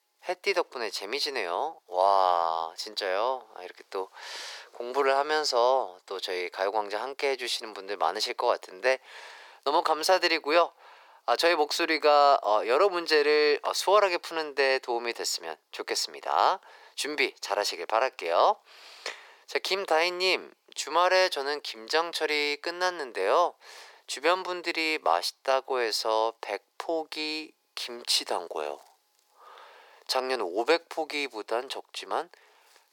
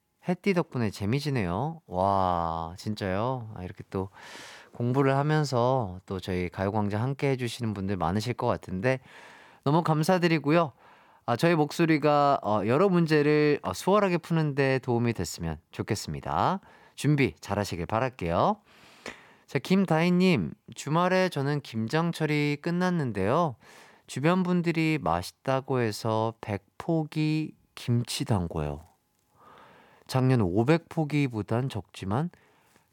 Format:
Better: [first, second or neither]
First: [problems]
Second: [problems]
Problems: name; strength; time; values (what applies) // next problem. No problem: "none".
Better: second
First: thin; very; fading below 400 Hz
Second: none